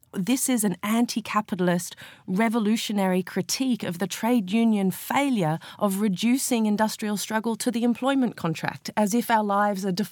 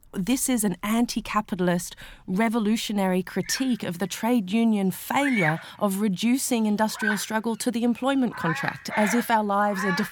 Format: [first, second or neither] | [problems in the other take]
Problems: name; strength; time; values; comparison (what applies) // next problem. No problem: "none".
first | animal sounds; loud; throughout; 6 dB below the speech